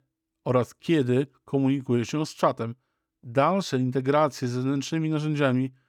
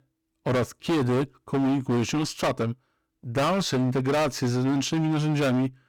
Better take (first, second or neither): first